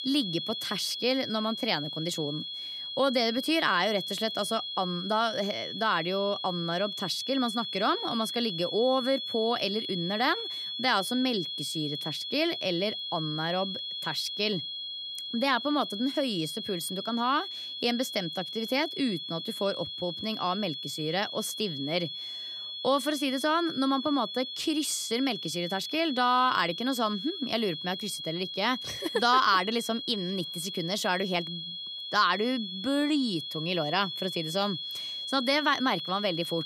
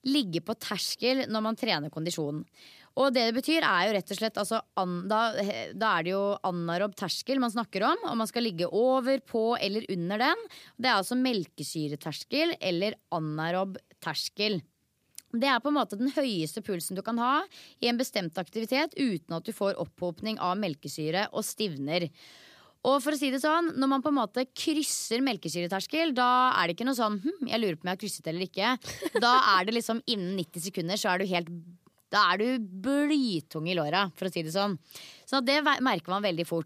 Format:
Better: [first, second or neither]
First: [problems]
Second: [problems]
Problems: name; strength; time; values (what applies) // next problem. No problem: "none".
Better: second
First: high-pitched whine; loud; throughout; 3.5 kHz, 5 dB below the speech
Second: none